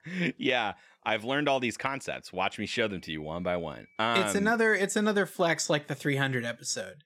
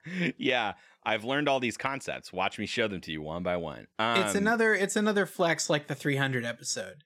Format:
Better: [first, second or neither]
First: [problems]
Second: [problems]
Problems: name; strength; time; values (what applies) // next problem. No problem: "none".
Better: second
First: high-pitched whine; faint; from 2.5 to 4.5 s; 2.5 kHz, 30 dB below the speech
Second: none